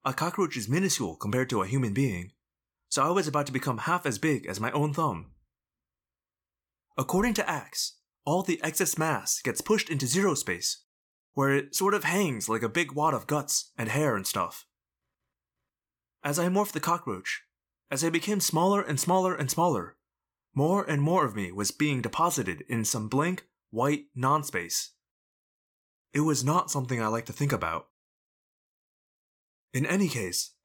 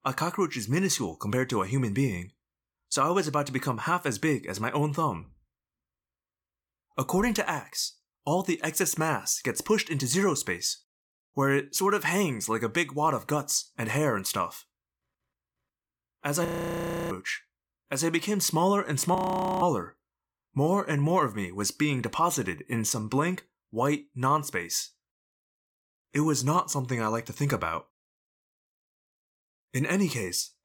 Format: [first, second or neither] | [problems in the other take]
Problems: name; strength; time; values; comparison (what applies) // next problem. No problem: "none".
first | audio freezing; at 16 s for 0.5 s and at 19 s